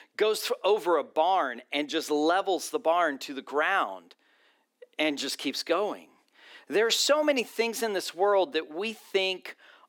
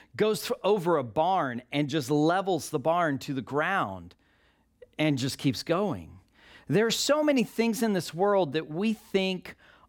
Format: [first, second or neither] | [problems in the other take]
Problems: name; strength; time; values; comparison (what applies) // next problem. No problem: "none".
second | thin; somewhat; fading below 300 Hz